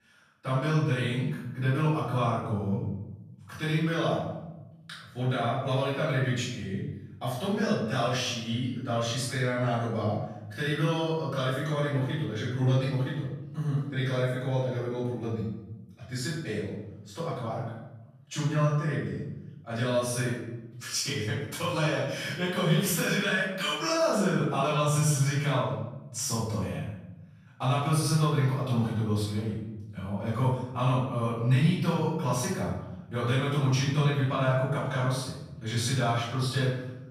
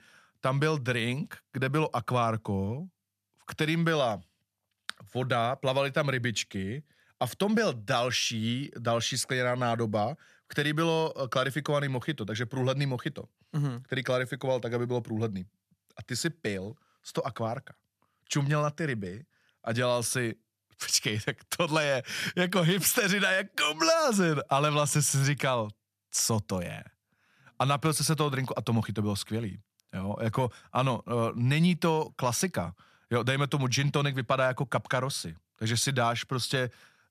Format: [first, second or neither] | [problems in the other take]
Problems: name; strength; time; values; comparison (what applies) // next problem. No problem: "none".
second | off-mic speech; far // room echo; strong; dies away in 1 s